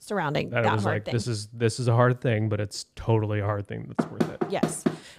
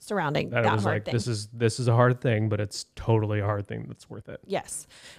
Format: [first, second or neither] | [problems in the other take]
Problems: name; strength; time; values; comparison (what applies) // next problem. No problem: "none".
second | door banging; noticeable; at 4 s; peak 1 dB below the speech